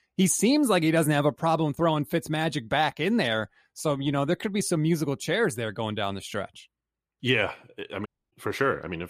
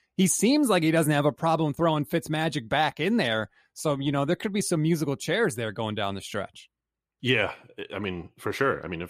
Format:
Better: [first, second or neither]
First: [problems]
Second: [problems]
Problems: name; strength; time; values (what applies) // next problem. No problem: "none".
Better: second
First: audio cutting out; at 8 s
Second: none